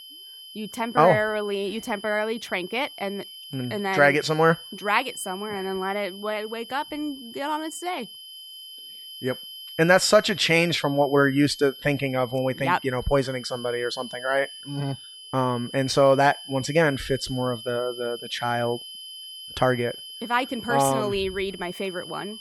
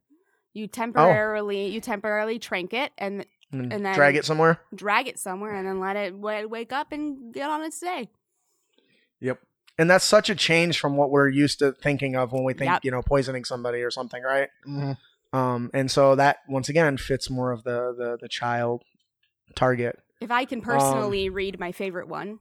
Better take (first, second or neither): second